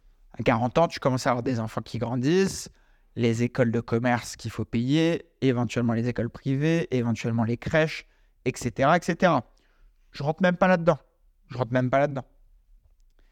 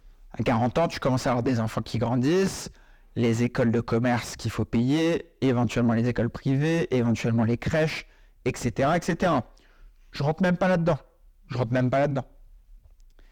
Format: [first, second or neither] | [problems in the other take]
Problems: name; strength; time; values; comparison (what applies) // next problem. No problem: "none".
first | distortion; heavy; 7 dB below the speech